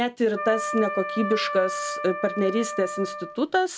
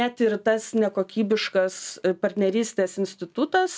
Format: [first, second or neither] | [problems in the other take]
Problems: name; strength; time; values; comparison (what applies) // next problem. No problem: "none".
second | background sound (Wind instrument, woodwind instrument); 6 dB below the speech